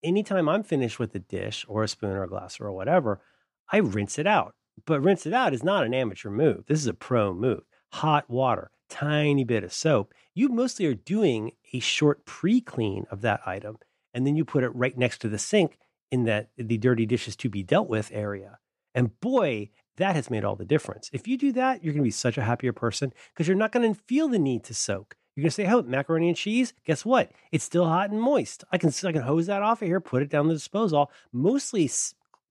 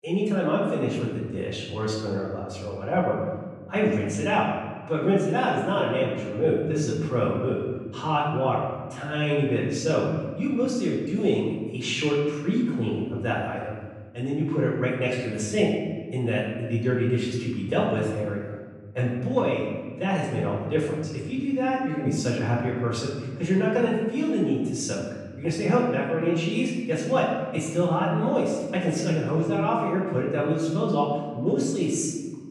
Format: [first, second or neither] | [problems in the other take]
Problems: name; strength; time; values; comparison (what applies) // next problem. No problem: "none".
first | off-mic speech; far // room echo; noticeable; dies away in 1.4 s